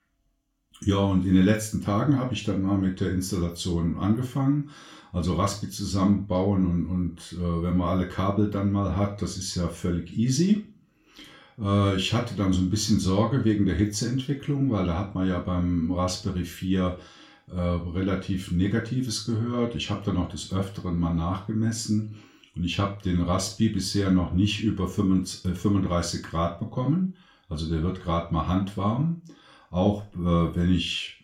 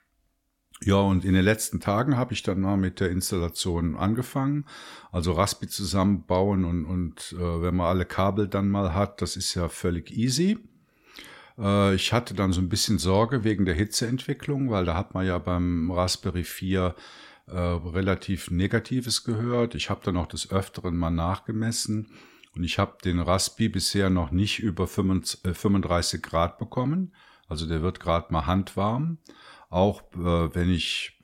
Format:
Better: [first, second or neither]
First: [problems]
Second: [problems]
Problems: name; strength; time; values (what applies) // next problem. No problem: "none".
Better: second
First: room echo; slight; dies away in 0.3 s // off-mic speech; somewhat distant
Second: none